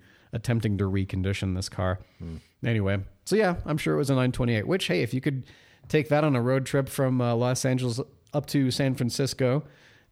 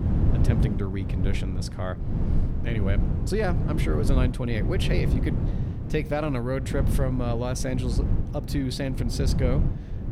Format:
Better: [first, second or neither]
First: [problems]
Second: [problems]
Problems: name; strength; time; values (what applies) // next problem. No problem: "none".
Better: first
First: none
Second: wind noise on the microphone; heavy; 6 dB below the speech